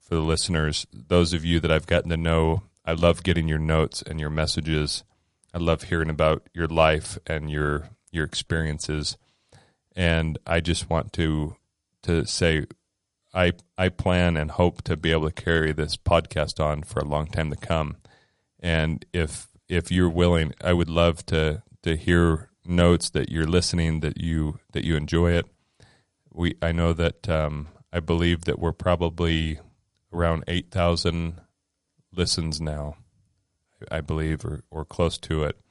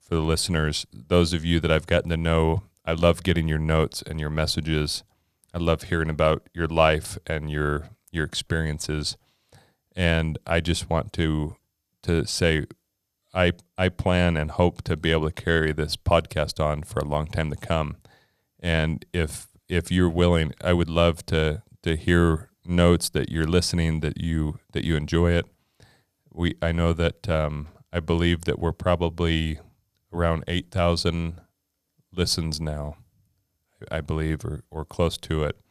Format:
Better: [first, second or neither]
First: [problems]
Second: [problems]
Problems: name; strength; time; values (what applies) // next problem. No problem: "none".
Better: second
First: garbled, watery; slightly; nothing above 10.5 kHz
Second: none